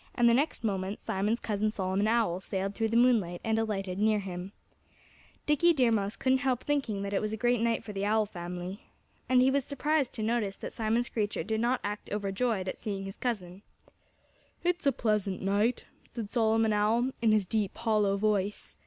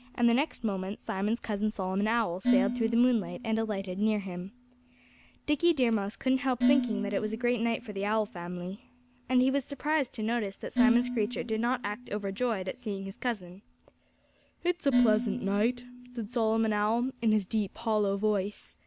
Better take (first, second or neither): first